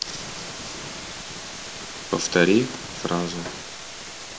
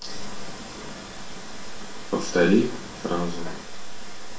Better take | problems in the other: first | room echo; dies away in 0.3 s

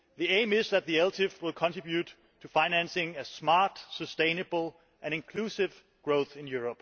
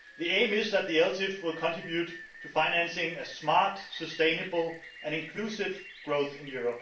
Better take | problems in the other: first | background sound (Rain); 17 dB below the speech // room echo; dies away in 0.4 s

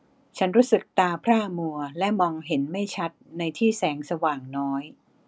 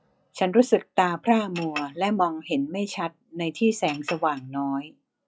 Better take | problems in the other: first | noise reduction (classical method log-MMSE)

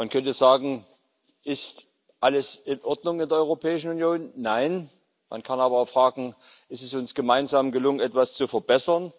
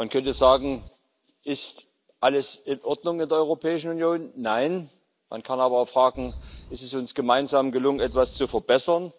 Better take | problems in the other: first | background sound (Wild animals); 15 dB below the speech

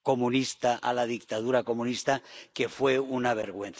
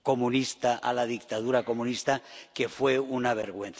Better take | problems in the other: second | noise reduction (neural mask model Resemble Enhance denoiser)

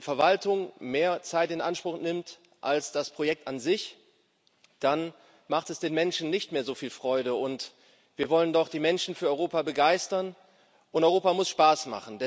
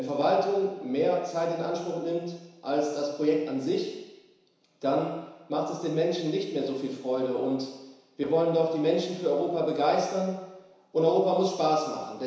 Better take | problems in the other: first | room echo; dies away in 1 s

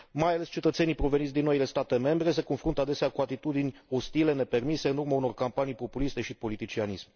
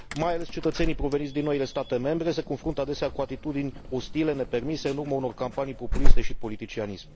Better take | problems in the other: first | background sound (Alarm / Insect); 5 dB above the speech

